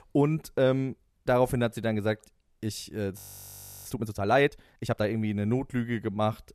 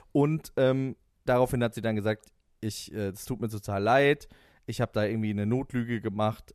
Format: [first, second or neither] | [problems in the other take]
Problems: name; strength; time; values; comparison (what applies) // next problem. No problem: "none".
second | audio freezing; at 3 s for 0.5 s